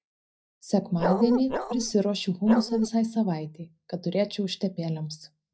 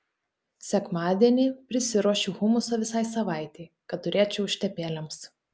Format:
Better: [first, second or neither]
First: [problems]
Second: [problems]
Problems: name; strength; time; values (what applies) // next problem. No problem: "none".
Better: second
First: noise reduction (neural mask model DeepFilterNet 3)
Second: none